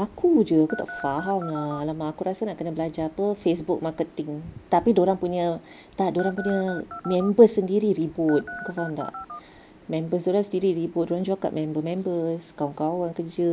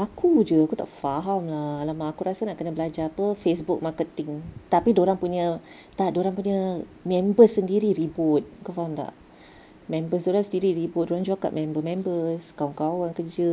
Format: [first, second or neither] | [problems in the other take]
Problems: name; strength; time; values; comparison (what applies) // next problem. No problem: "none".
second | background sound (Telephone); 12 dB below the speech